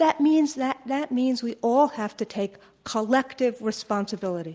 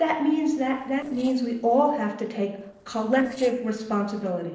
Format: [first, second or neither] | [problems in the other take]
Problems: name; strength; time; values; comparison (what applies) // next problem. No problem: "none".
first | noise reduction (neural separator model SepFormer DNS4)